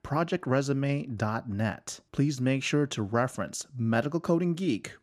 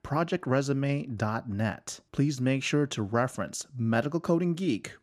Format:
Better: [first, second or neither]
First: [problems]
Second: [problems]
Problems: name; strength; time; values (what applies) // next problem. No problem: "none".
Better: neither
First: none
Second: none